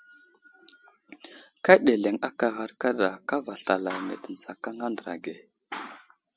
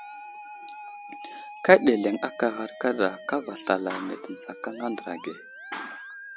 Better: first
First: none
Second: background sound (Musical instrument); 15 dB below the speech

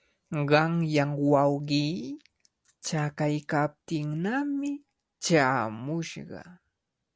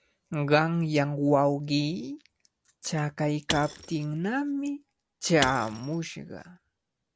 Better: first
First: none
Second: background sound (Shatter / Crushing); 11 dB below the speech

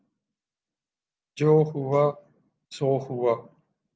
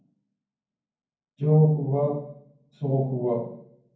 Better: first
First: none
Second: room echo; dies away in 0.9 s

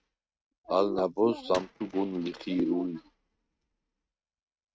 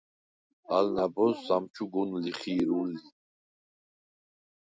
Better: second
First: noise reduction (neural mask model RNNoise)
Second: none

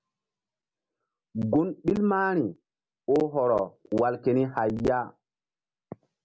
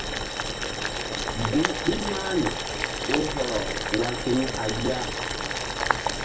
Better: first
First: none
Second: background sound (Boiling); 1 dB above the speech // room echo; dies away in 0.2 s

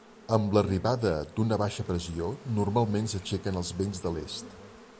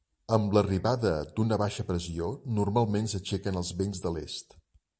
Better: second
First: background sound (Insect); 19 dB below the speech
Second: none

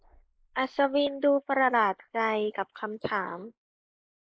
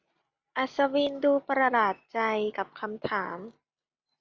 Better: second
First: noise reduction (neural mask model Resemble Enhance denoiser)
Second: none

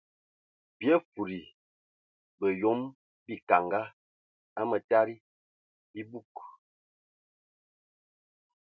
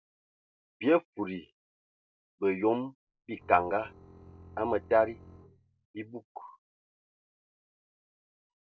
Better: first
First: none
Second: noise reduction (neural separator model SepFormer DNS4)

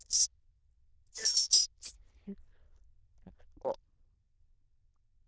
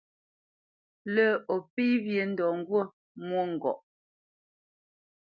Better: second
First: noise reduction (neural diffusion model UNIVERSE++)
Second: none

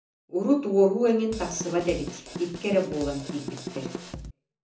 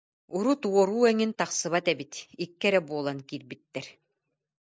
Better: second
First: background sound (Drum kit); 11 dB below the speech // room echo; dies away in 0.6 s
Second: none

